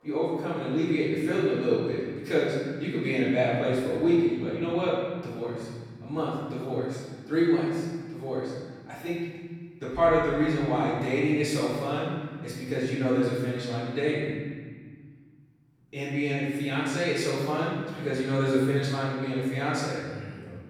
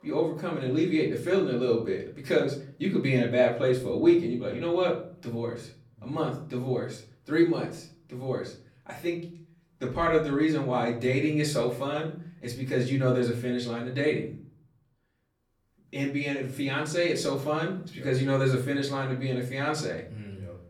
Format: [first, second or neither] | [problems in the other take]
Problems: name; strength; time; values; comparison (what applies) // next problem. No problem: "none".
second | room echo; strong; dies away in 1.8 s; slight in the second // off-mic speech; far; far in the second